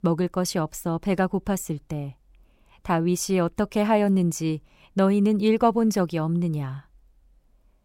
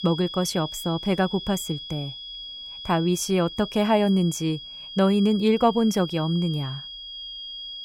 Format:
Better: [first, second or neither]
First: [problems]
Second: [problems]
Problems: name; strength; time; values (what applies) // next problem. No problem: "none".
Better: first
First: none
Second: high-pitched whine; noticeable; throughout; 3.5 kHz, 10 dB below the speech